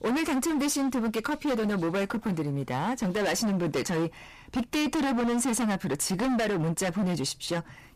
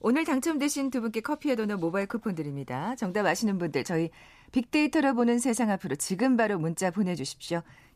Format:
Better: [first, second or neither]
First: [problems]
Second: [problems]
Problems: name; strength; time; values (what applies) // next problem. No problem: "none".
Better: second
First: distortion; heavy; 30% of the sound clipped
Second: none